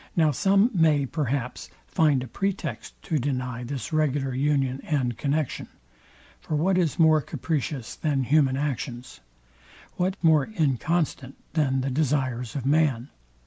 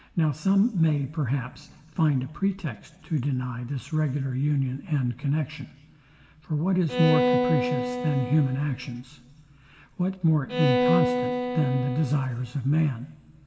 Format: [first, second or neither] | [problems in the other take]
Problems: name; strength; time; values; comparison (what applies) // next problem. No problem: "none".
first | background sound (Bowed string instrument); 2 dB below the speech // room echo; dies away in 1.7 s